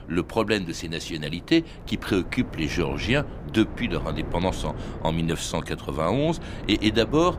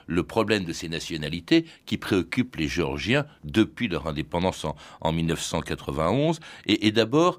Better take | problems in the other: second | wind noise on the microphone; occasional gusts; 15 dB below the speech

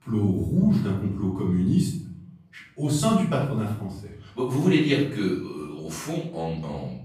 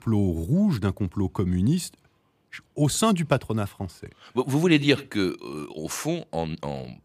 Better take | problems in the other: second | off-mic speech; far // room echo; noticeable; dies away in 0.6 s

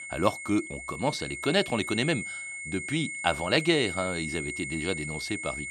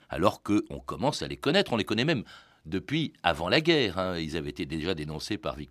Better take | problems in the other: second | high-pitched whine; loud; throughout; 2 kHz, 6 dB below the speech

